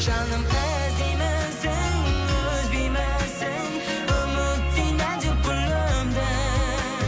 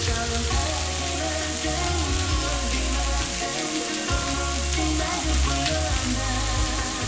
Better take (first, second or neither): first